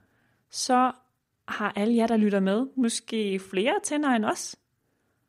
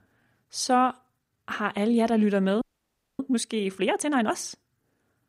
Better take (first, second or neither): first